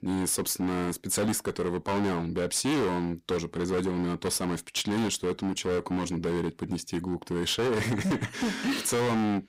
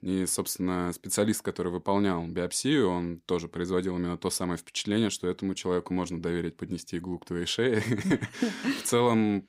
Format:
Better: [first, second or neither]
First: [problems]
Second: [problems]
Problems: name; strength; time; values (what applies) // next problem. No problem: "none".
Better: second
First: distortion; heavy; 20% of the sound clipped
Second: none